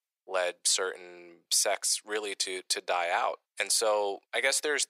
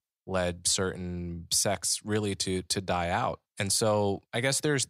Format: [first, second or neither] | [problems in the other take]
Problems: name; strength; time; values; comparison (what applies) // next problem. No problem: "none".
second | thin; very; fading below 450 Hz